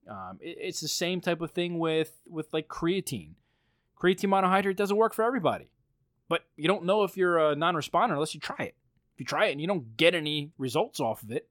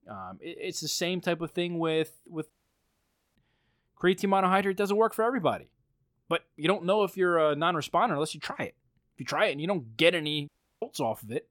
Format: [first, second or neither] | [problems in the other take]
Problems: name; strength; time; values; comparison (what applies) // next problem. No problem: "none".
first | audio cutting out; at 2.5 s for 1 s and at 10 s